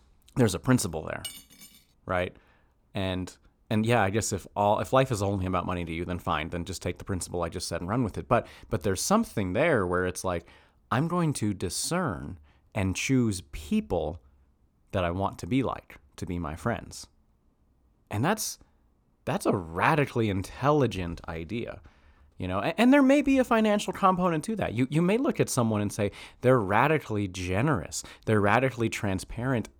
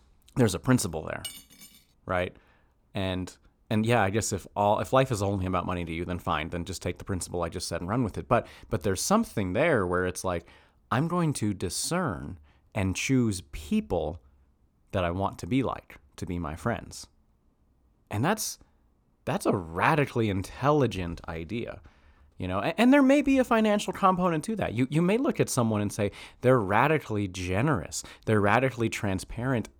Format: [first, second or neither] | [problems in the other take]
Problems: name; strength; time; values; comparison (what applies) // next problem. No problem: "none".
neither | clattering dishes; faint; at 1 s; peak 10 dB below the speech; the same in both